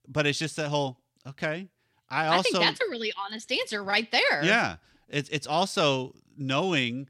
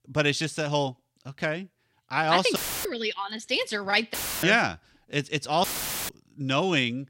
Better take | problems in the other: first | audio cutting out; filled with static; at 2.5 s, at 4 s and at 5.5 s

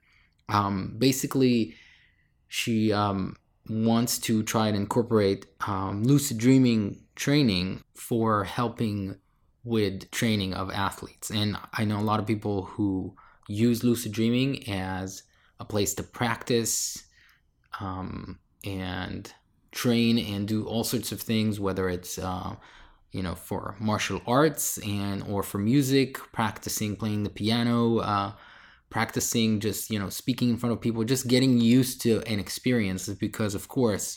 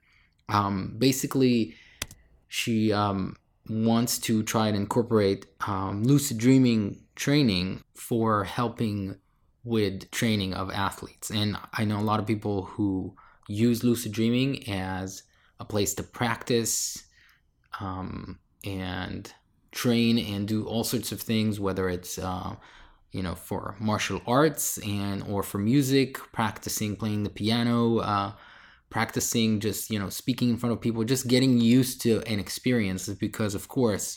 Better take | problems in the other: first | keyboard typing; faint; at 2 s; peak 10 dB below the speech

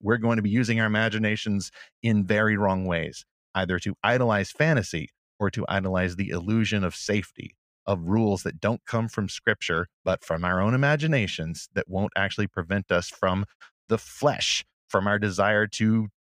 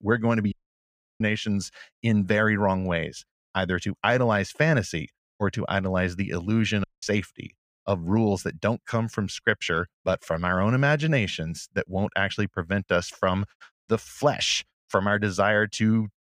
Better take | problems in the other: first | audio cutting out; at 0.5 s for 0.5 s and at 7 s

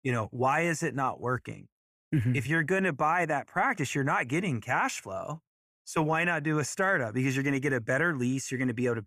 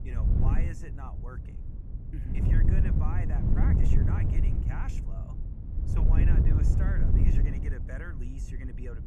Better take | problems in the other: first | wind noise on the microphone; heavy; 3 dB above the speech

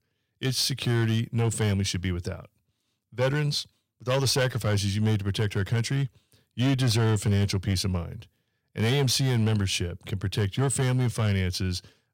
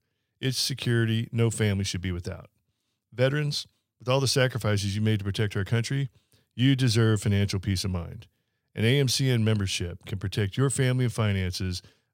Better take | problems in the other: second | distortion; slight; 7% of the sound clipped

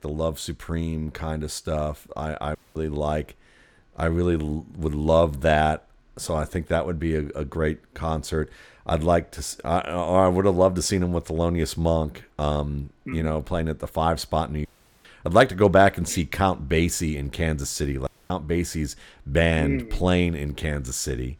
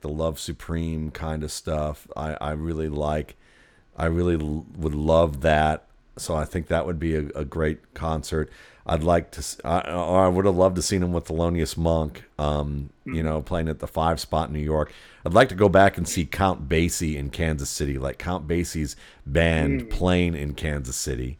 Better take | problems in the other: second | audio cutting out; at 2.5 s, at 15 s and at 18 s

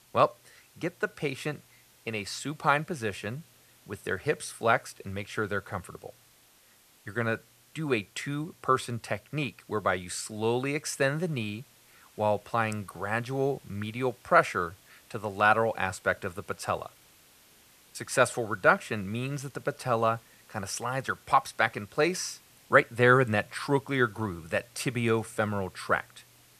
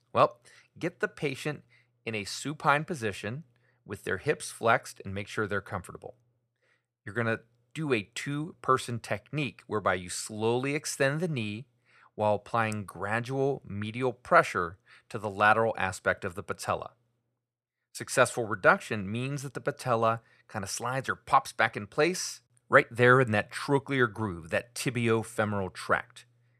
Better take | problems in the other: second | hiss; faint; throughout; 30 dB below the speech

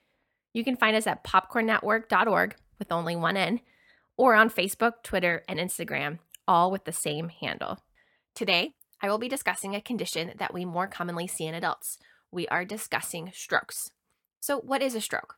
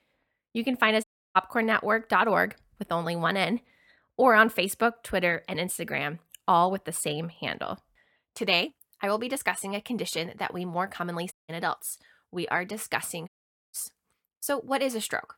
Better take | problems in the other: first | audio cutting out; at 1 s, at 11 s and at 13 s

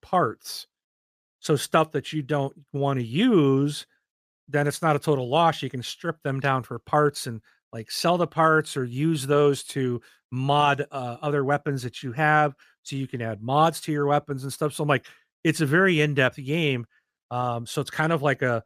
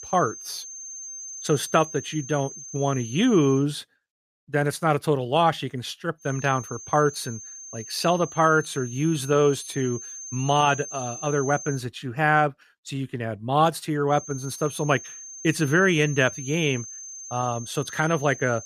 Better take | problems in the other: first | high-pitched whine; noticeable; until 3.5 s, from 6.5 to 12 s and from 14 s on; 6.5 kHz, 10 dB below the speech

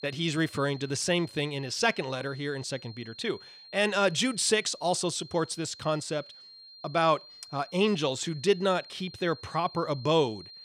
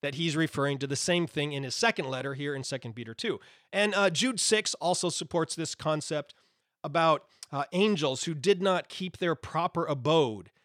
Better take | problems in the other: second | high-pitched whine; noticeable; throughout; 4 kHz, 20 dB below the speech

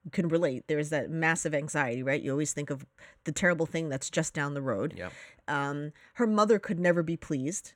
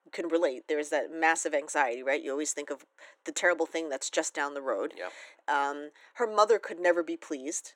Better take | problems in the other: first | thin; very; fading below 300 Hz

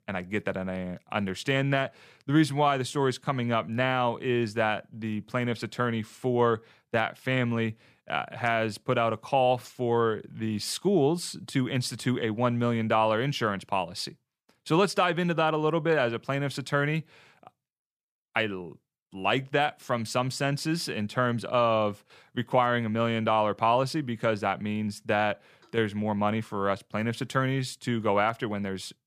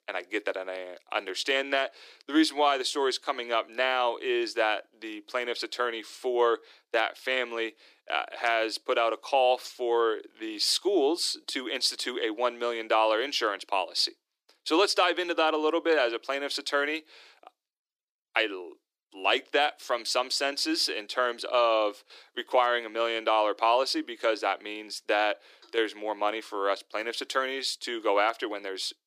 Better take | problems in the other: first | thin; very; fading below 300 Hz

